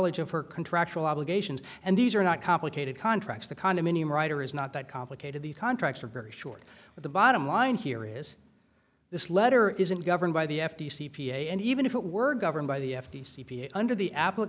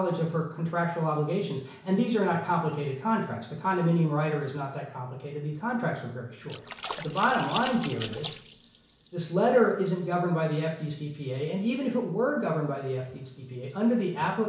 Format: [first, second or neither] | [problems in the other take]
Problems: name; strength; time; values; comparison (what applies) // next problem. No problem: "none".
first | background sound (Splash, splatter); 13 dB below the speech // room echo; dies away in 0.6 s